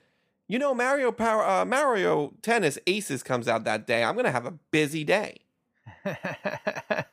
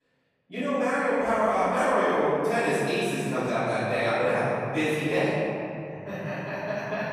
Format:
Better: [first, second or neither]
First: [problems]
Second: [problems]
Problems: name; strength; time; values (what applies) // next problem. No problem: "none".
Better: first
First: none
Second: off-mic speech; far // room echo; strong; dies away in 3 s